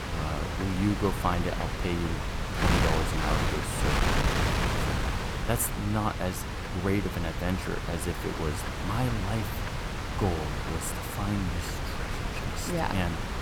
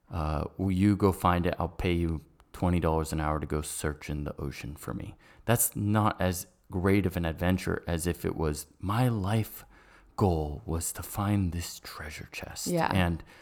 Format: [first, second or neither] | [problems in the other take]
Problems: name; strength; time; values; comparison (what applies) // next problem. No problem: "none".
second | wind noise on the microphone; heavy; 2 dB above the speech